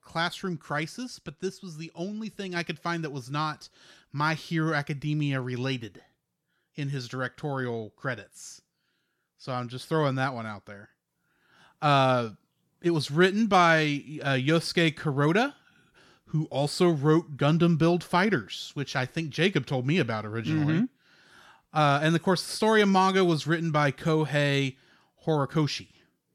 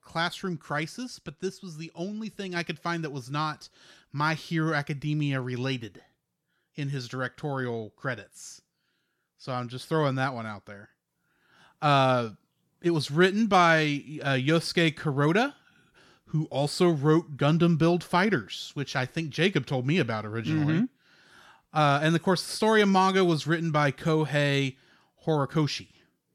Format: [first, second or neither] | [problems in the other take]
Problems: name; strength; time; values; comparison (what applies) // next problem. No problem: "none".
neither | none